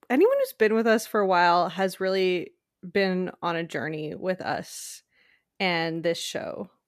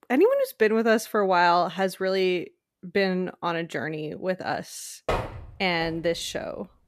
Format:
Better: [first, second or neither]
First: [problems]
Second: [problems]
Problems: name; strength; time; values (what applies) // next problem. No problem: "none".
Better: first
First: none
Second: door banging; noticeable; at 5 s; peak 4 dB below the speech